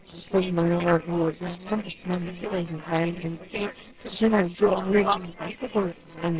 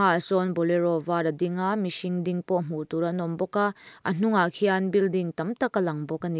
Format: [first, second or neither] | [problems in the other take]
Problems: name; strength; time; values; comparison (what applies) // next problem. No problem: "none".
second | noise reduction (neural separator model SepFormer WHAMR!)